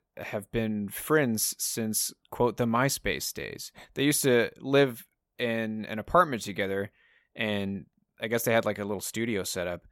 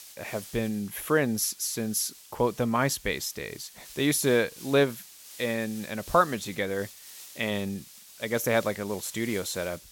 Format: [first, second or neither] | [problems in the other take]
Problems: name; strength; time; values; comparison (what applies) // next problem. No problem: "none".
first | hiss; noticeable; throughout; 15 dB below the speech